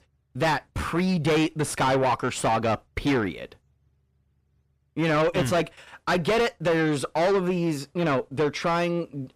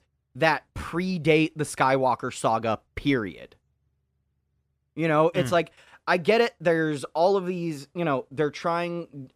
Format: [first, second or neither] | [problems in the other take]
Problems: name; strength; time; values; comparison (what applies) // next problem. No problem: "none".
second | distortion; heavy; 5 dB below the speech